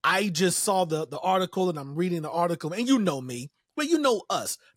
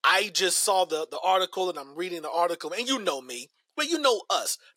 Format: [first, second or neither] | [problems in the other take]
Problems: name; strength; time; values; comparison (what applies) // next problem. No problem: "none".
first | thin; somewhat; fading below 400 Hz